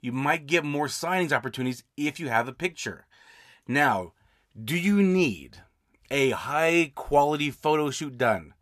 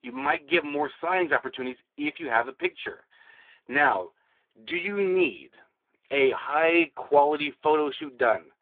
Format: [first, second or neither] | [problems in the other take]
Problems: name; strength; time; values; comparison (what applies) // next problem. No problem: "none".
first | phone-call audio; poor line